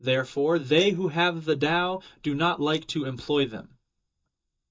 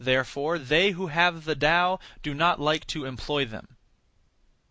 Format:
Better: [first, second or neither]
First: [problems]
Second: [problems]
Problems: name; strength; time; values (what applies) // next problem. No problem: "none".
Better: second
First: noise reduction (neural mask model DeepFilterNet 3)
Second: none